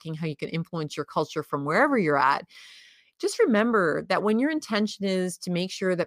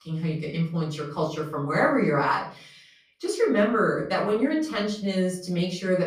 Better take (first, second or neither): first